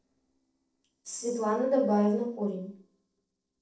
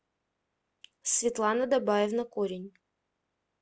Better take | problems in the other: second | noise reduction (neural separator model SepFormer DNS4)

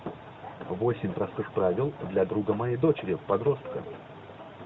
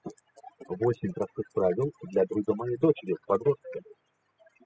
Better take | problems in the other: first | noise reduction (classical method spectral subtraction)

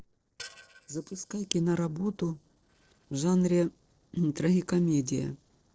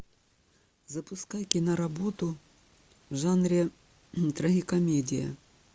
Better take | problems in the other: second | noise reduction (neural separator model SepFormer DNS4)

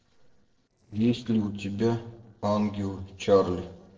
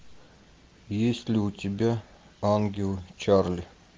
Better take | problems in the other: second | noise reduction (neural separator model SepFormer DNS4)

